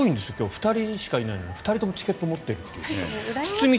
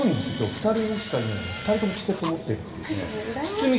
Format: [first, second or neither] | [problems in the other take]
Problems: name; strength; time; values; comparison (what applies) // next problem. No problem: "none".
first | background sound (Camera); 15 dB below the speech // room echo; dies away in 2.3 s